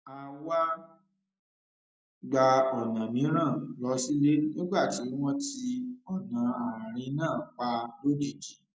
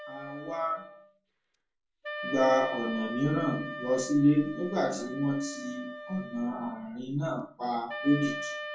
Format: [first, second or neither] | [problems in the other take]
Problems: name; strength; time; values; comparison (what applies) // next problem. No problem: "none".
first | background sound (Wind instrument, woodwind instrument); 10 dB below the speech // room echo; dies away in 0.2 s